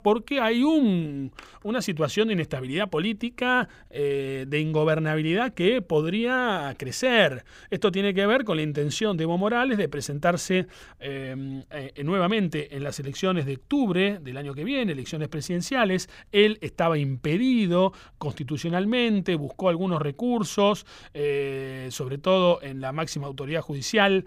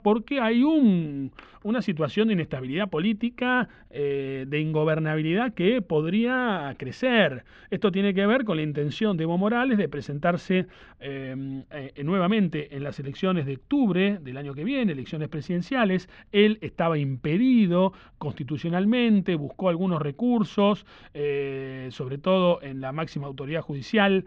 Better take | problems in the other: first | muffled; slightly; fading above 3.5 kHz

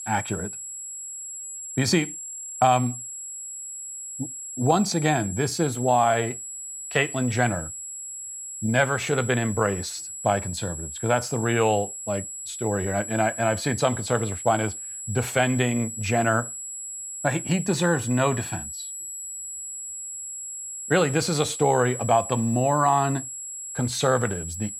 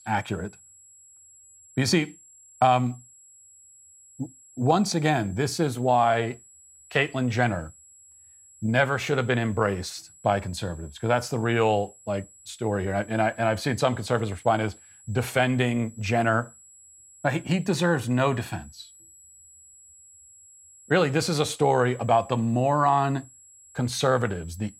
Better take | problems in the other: second | high-pitched whine; loud; throughout; 7.5 kHz, 8 dB below the speech; faint in the second

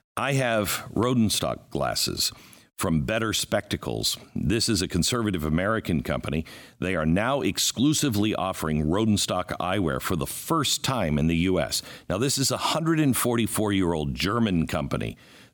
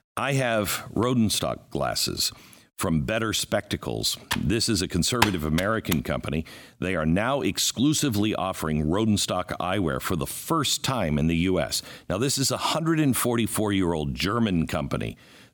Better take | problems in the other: first | keyboard typing; noticeable; from 4.5 to 6 s; peak level with the speech

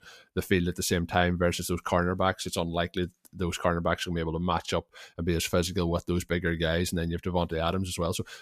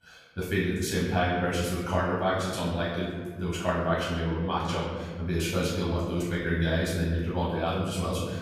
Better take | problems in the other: first | off-mic speech; far // room echo; noticeable; dies away in 2 s

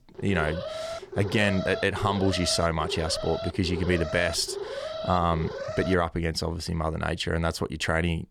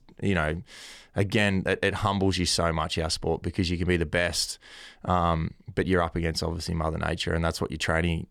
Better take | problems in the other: second | alarm; noticeable; until 6 s; peak 7 dB below the speech

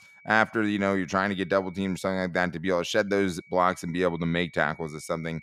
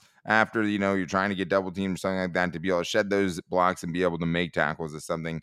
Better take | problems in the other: second | high-pitched whine; faint; until 2 s and from 3 s on; 2.5 kHz, 25 dB below the speech

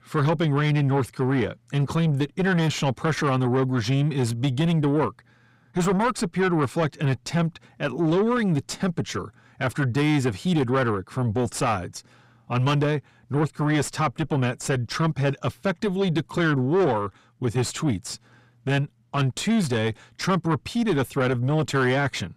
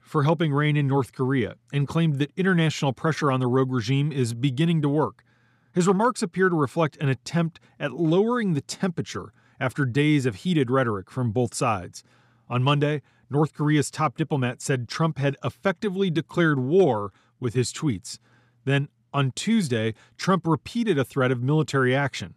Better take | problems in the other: second | distortion; slight; 9 dB below the speech

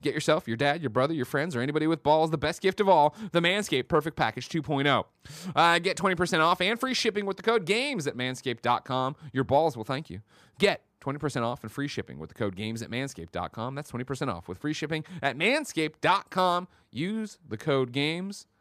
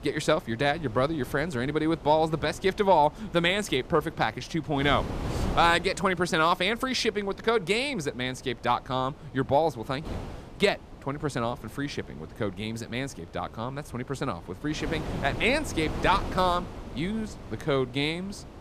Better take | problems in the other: first | wind noise on the microphone; occasional gusts; 15 dB below the speech

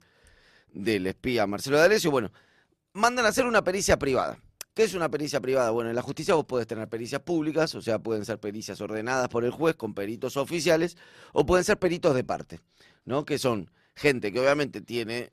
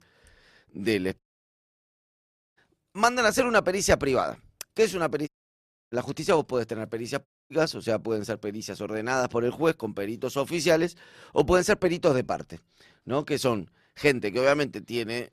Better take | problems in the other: first | audio cutting out; at 1 s for 1.5 s, at 5.5 s for 0.5 s and at 7.5 s

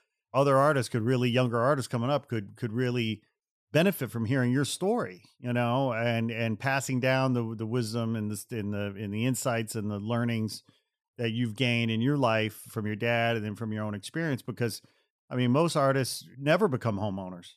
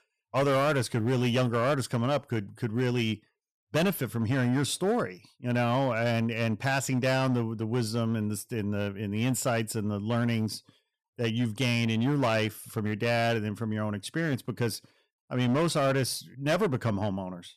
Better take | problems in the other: first | distortion; slight; 9% of the sound clipped

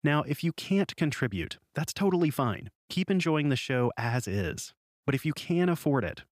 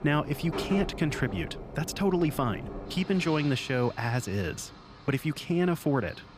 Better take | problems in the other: first | train or aircraft noise; noticeable; throughout; 10 dB below the speech

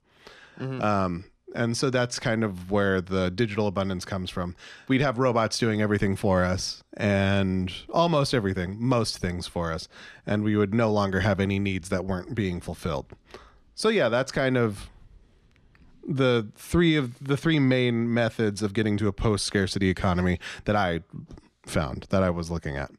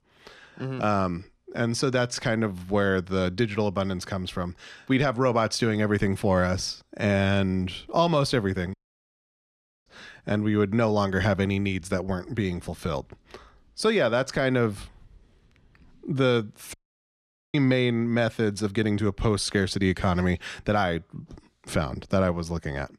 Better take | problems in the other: first | audio cutting out; at 8.5 s for 1 s and at 17 s for 1 s

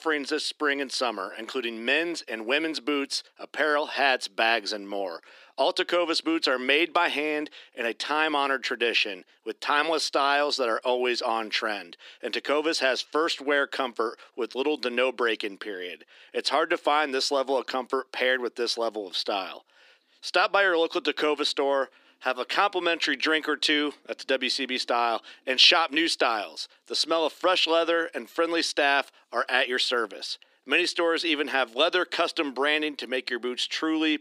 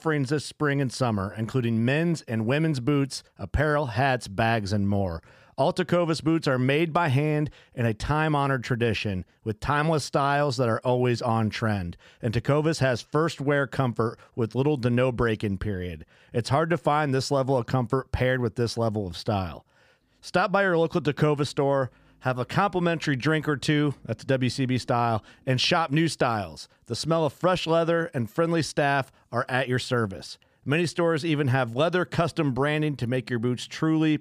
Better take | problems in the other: second | thin; somewhat; fading below 300 Hz

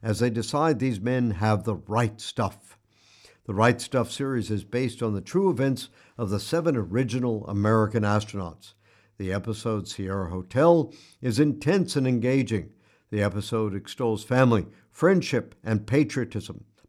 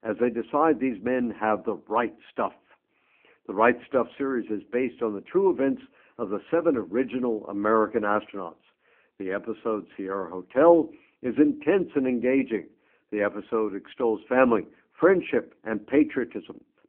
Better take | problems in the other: first | phone-call audio; poor line

